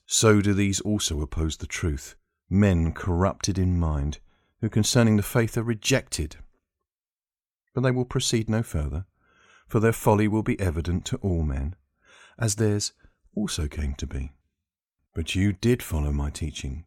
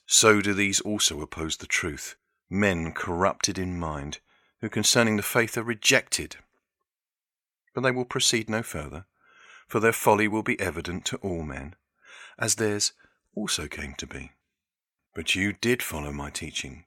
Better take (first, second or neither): first